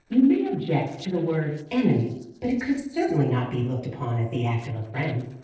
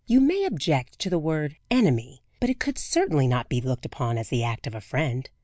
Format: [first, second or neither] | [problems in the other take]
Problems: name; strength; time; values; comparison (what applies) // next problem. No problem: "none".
second | noise reduction (neural separator model SepFormer DNS4)